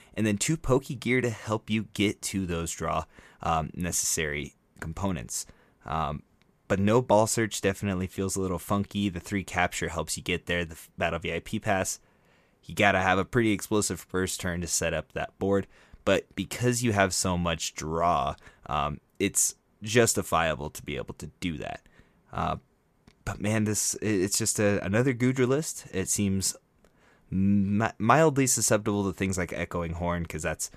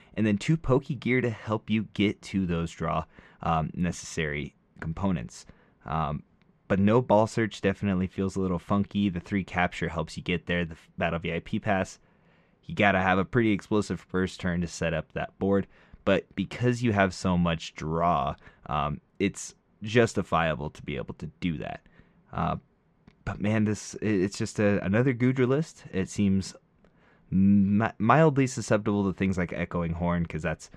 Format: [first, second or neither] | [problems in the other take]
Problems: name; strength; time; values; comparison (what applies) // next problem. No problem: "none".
first | muffled; slightly; fading above 3.5 kHz